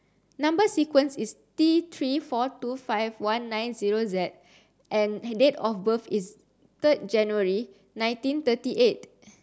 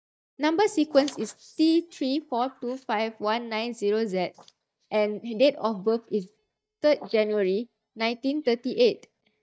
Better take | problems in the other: first | noise reduction (neural mask model DeepFilterNet 3)

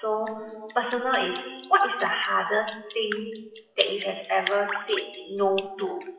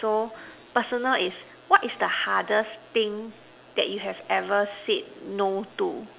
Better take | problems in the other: second | noise reduction (classical method WPE with log-MMSE)

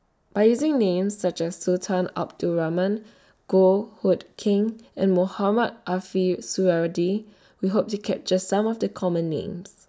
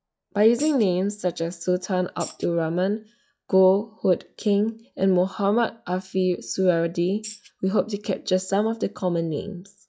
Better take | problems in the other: first | noise reduction (classical method log-MMSE)

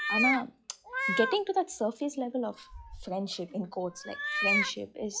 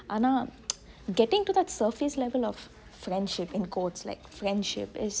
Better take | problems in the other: second | noise reduction (classical method log-MMSE)

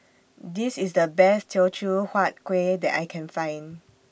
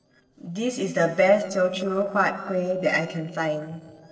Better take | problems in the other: first | noise reduction (neural separator model SepFormer DNS4)

